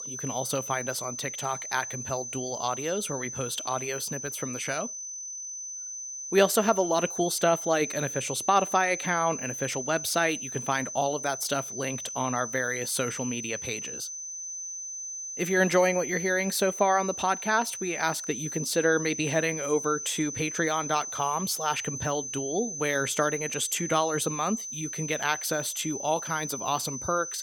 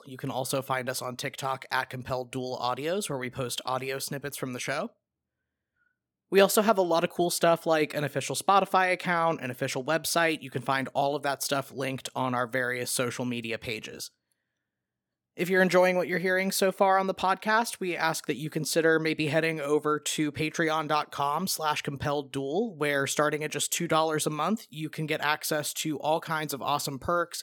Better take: second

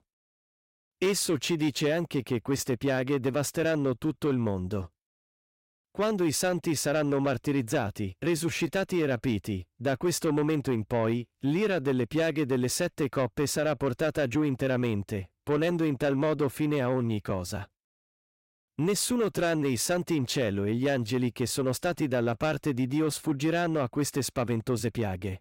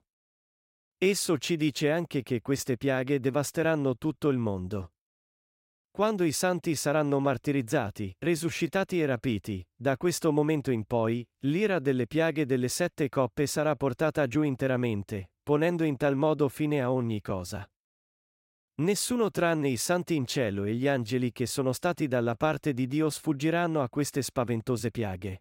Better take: second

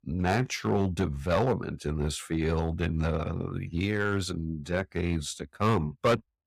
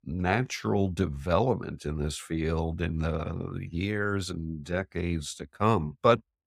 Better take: second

